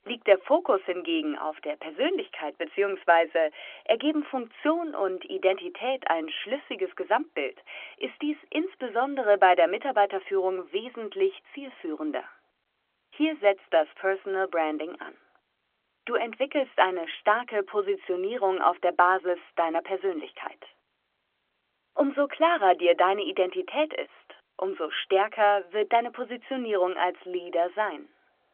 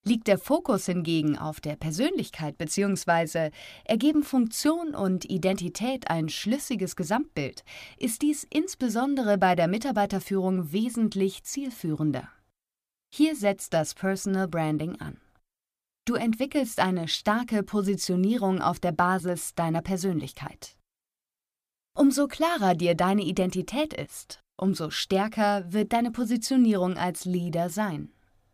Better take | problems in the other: second | phone-call audio; nothing above 3.5 kHz

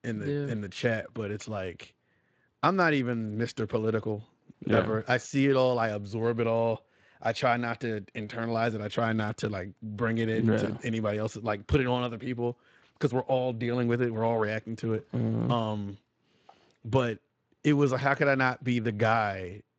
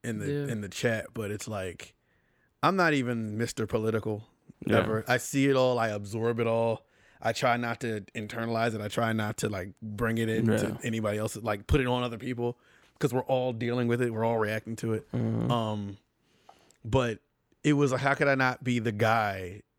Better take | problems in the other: second | garbled, watery; slightly; nothing above 7.5 kHz

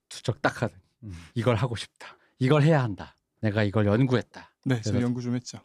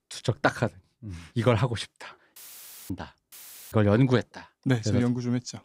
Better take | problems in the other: first | audio cutting out; filled with static; at 2.5 s for 0.5 s and at 3.5 s

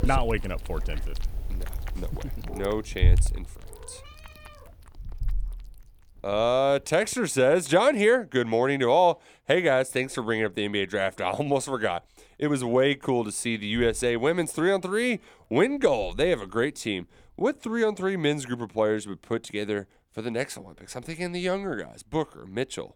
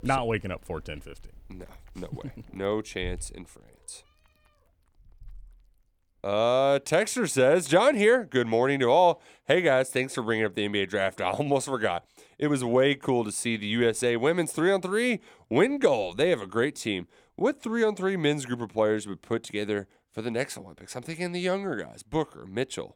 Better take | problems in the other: second | animal sounds; loud; throughout; 7 dB below the speech; faint in the second

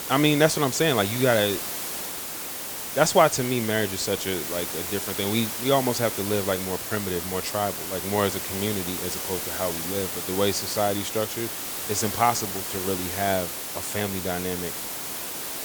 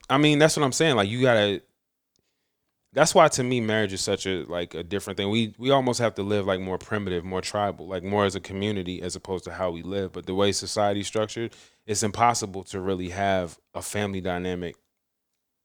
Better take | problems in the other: second | hiss; loud; throughout; 4 dB below the speech

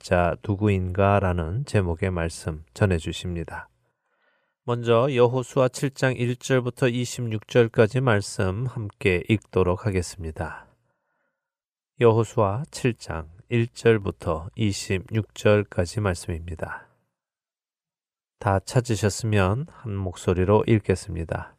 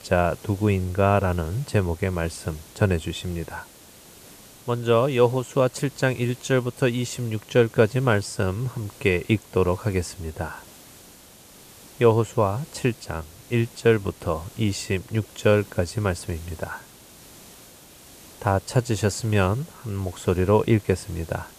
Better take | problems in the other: first | hiss; faint; throughout; 20 dB below the speech

